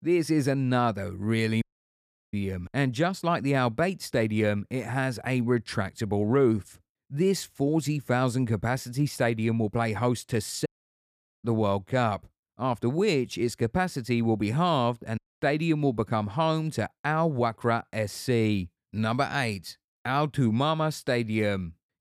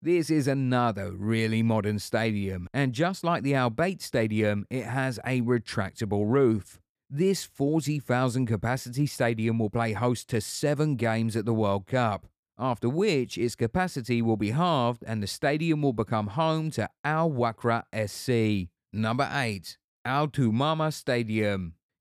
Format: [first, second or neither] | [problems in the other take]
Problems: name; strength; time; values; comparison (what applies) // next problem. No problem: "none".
second | audio cutting out; at 1.5 s for 0.5 s, at 11 s for 1 s and at 15 s